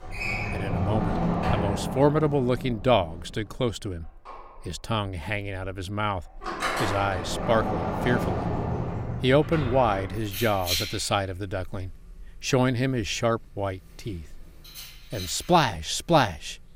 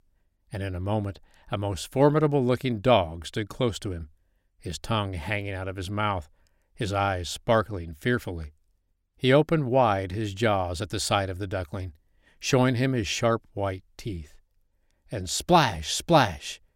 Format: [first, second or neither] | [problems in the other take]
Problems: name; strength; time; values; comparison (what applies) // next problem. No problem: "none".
second | household noises; loud; throughout; 4 dB below the speech